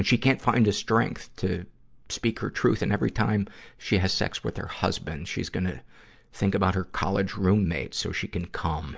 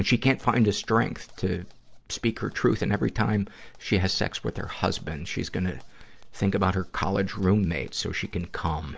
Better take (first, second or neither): first